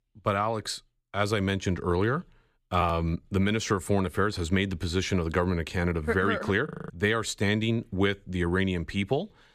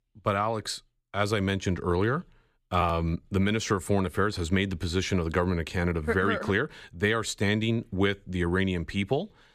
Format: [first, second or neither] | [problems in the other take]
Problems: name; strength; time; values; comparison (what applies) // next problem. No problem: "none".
second | audio freezing; at 6.5 s